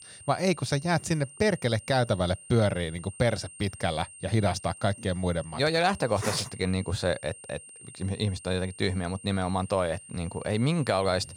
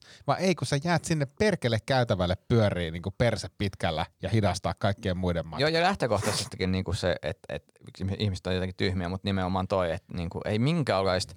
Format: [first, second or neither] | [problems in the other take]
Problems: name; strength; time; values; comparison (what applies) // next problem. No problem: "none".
second | high-pitched whine; noticeable; throughout; 8.5 kHz, 15 dB below the speech